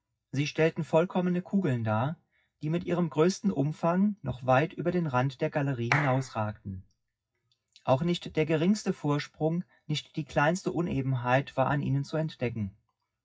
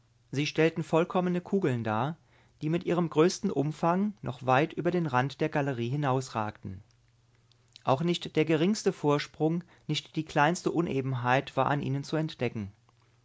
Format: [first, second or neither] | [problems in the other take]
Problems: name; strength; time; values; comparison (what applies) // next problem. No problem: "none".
second | noise reduction (classical method WPE with log-MMSE)